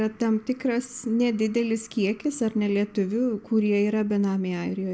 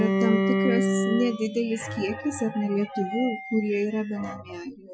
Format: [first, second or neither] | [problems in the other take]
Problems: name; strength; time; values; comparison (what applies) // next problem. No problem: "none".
first | noise reduction (classical method Wiener filter)